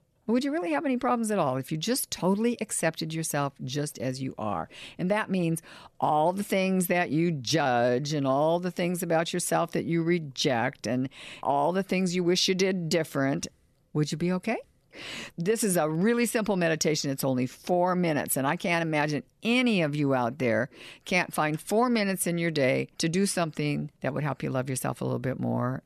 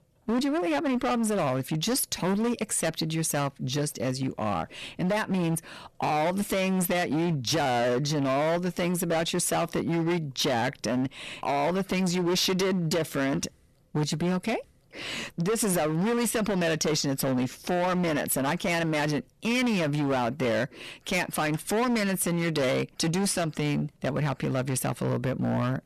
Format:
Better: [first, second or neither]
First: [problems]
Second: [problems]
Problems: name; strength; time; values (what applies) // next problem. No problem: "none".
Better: first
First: none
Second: distortion; heavy; 22% of the sound clipped